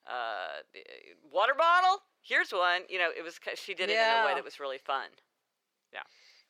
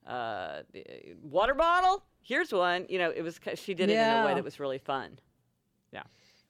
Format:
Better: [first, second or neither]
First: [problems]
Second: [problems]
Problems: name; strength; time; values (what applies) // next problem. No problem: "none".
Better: second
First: thin; very; fading below 550 Hz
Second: none